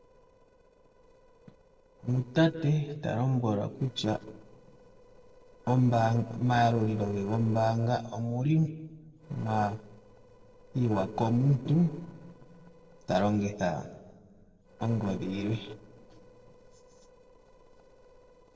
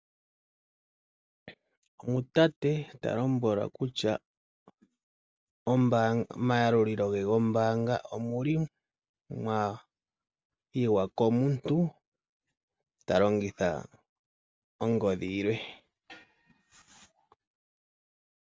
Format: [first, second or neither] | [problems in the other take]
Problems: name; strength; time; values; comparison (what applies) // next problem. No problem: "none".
second | noise reduction (neural separator model SepFormer DNS4)